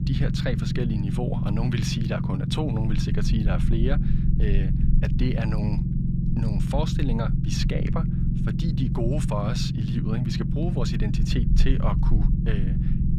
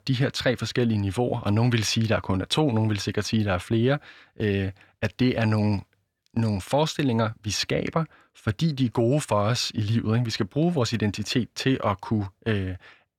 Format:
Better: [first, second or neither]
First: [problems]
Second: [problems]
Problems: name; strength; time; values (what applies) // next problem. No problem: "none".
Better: second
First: low rumble; loud; throughout; 2 dB below the speech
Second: none